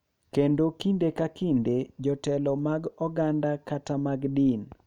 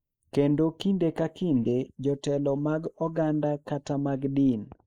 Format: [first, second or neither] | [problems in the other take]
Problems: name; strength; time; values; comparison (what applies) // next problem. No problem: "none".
first | noise reduction (neural mask model Resemble Enhance denoiser)